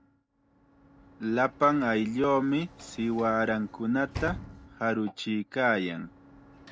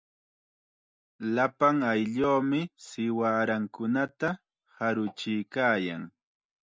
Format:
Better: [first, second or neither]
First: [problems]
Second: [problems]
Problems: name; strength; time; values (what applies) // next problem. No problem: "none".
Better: second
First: background sound (Sliding door / Slam); 17 dB below the speech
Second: none